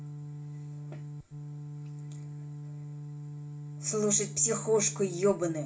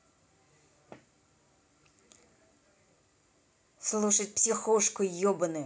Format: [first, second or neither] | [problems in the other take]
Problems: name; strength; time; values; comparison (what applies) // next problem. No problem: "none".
second | background sound (Organ); 8 dB below the speech // room echo; dies away in 0.1 s